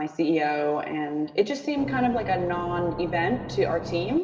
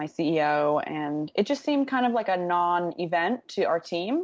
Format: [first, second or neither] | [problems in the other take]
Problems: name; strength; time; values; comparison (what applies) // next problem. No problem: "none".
second | background sound (Engine / Boat, Water vehicle); 8 dB below the speech // room echo; dies away in 1.7 s